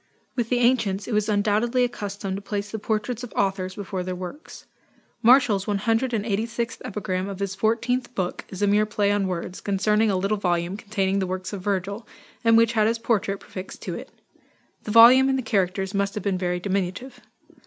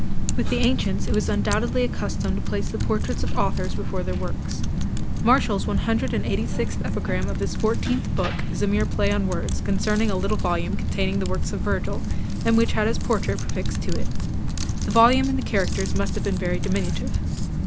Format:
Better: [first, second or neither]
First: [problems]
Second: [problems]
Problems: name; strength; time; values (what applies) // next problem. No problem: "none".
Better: first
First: none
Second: background sound (Typing); 3 dB above the speech